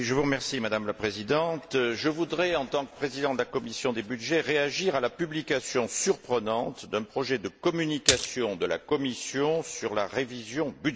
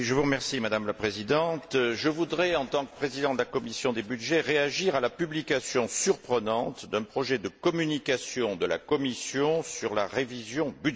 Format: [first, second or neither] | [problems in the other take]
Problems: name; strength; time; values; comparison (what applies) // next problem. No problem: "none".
second | background sound (Splash, splatter); 1 dB below the speech